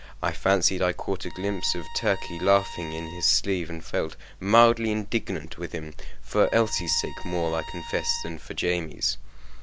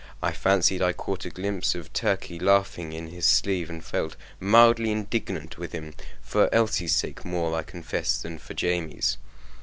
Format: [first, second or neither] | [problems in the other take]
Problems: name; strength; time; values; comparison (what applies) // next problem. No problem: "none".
second | background sound (Bowed string instrument); 17 dB below the speech